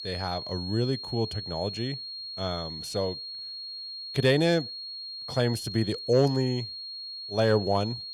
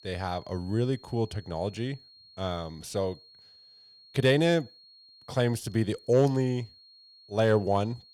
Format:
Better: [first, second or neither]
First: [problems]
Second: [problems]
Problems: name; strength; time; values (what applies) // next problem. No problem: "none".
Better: second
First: high-pitched whine; loud; throughout; 4.5 kHz, 8 dB below the speech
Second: high-pitched whine; faint; throughout; 4.5 kHz, 25 dB below the speech